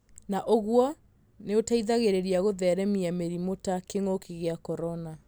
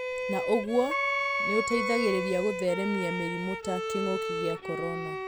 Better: first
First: none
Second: background sound (Wind instrument, woodwind instrument + Bowed string instrument); 1 dB below the speech

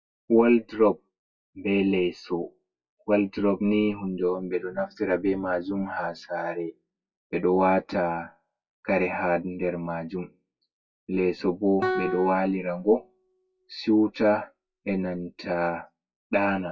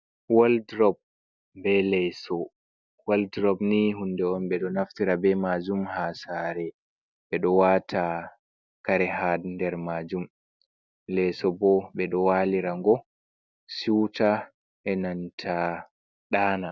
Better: second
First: noise reduction (classical method WPE with log-MMSE)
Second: none

